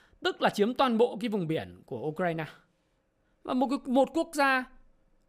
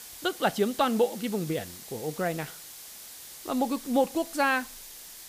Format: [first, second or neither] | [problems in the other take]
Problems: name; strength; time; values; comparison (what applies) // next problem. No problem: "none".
first | hiss; noticeable; throughout; 15 dB below the speech